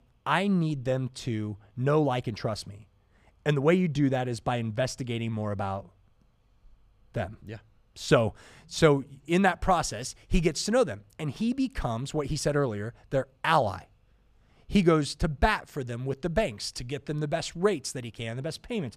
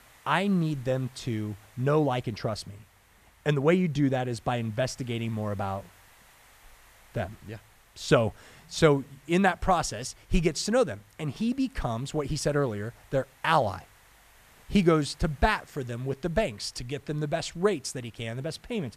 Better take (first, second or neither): first